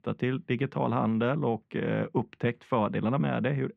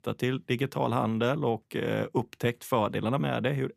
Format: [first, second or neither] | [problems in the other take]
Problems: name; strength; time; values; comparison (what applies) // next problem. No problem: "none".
second | muffled; very; fading above 2 kHz